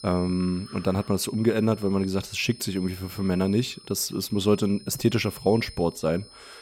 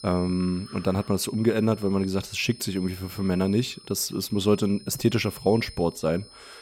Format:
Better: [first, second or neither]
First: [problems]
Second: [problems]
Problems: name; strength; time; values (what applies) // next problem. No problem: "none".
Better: neither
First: high-pitched whine; noticeable; throughout; 5 kHz, 20 dB below the speech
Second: high-pitched whine; noticeable; throughout; 5 kHz, 20 dB below the speech